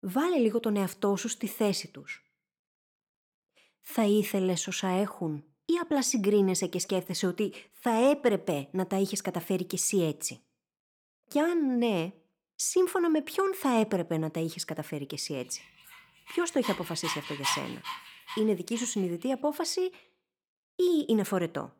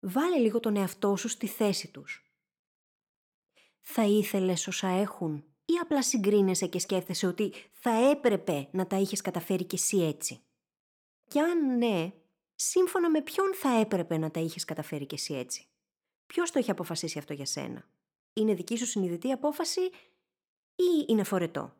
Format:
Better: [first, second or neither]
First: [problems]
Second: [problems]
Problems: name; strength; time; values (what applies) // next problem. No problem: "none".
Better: second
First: dog barking; noticeable; from 16 to 19 s; peak 2 dB below the speech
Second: none